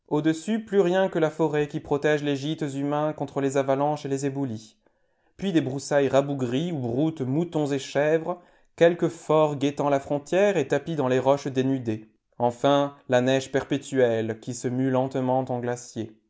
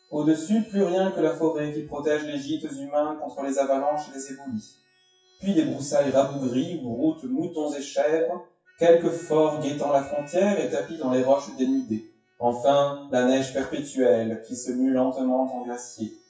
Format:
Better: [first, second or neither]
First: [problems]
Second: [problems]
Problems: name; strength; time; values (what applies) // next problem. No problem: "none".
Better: first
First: none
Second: noise reduction (classical method WPE with log-MMSE)